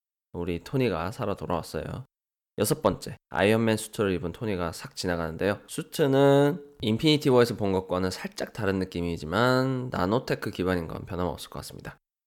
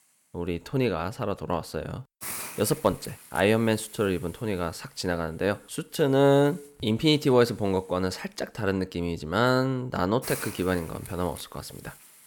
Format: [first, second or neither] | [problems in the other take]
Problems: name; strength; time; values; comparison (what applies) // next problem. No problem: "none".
first | hiss; noticeable; throughout; 15 dB below the speech